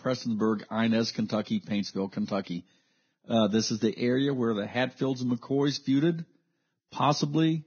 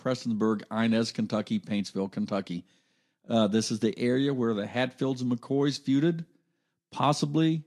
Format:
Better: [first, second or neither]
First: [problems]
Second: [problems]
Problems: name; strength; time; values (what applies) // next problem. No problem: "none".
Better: second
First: garbled, watery; badly; nothing above 6.5 kHz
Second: garbled, watery; slightly